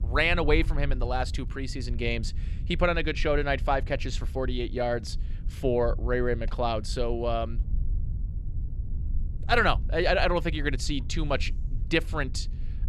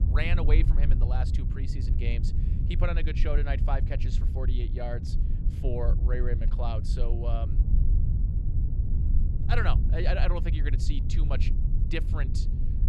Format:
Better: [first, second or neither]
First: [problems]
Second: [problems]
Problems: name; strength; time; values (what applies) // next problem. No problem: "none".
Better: first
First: low rumble; faint; throughout; 25 dB below the speech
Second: low rumble; loud; throughout; 8 dB below the speech